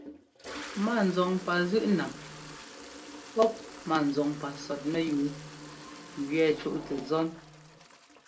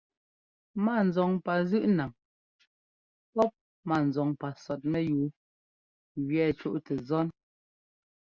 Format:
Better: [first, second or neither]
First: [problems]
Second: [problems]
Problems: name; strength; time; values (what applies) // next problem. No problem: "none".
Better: second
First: background sound (Toilet flush); 15 dB below the speech // room echo; dies away in 0.2 s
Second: none